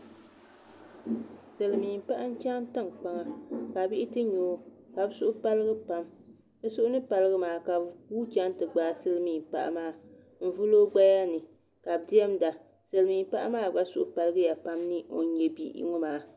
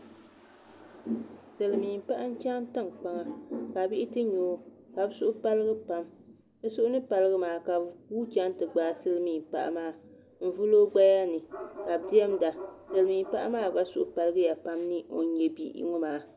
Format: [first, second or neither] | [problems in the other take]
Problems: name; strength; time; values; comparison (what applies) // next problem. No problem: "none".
first | background sound (Bark); 14 dB below the speech